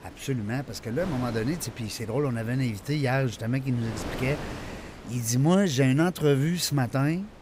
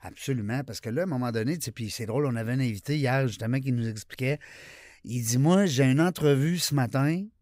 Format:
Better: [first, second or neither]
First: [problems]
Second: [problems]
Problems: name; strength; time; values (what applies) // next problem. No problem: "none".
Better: second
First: wind noise on the microphone; occasional gusts; 15 dB below the speech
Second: none